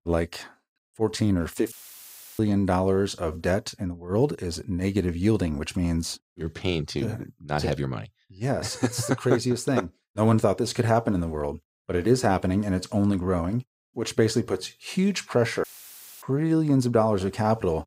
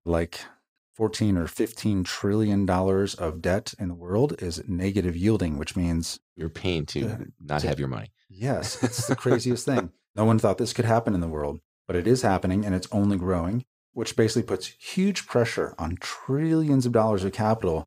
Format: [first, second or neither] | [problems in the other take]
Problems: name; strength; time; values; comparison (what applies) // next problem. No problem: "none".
second | audio cutting out; filled with static; at 1.5 s for 0.5 s and at 16 s for 0.5 s